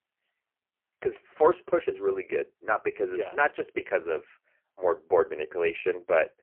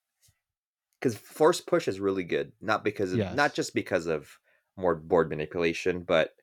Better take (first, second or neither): second